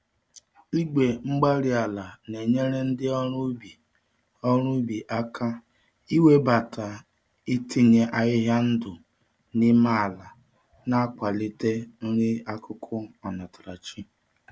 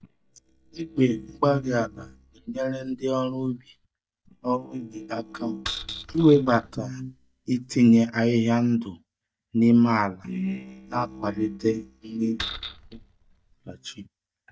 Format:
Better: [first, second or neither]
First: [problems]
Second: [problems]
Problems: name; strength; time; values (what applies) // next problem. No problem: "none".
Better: first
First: none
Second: noise reduction (neural mask model DeepFilterNet 3)